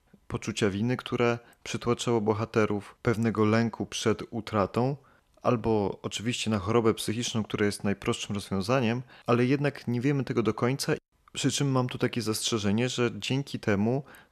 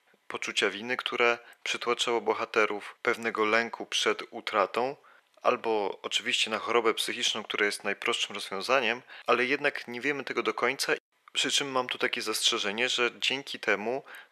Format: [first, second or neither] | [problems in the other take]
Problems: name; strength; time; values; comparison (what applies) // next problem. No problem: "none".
first | thin; very; fading below 500 Hz